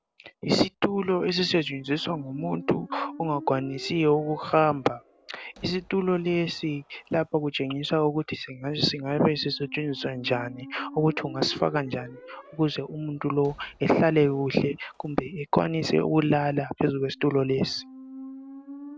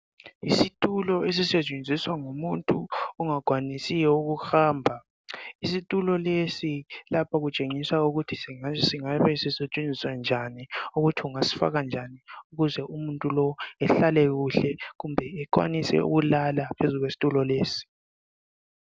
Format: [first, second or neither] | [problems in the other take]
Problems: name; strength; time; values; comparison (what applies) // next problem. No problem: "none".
second | background sound (Squeak); 19 dB below the speech